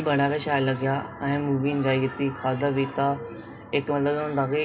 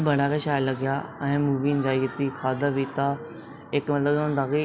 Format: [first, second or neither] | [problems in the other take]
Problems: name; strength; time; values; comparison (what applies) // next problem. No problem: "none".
second | room echo; dies away in 0.2 s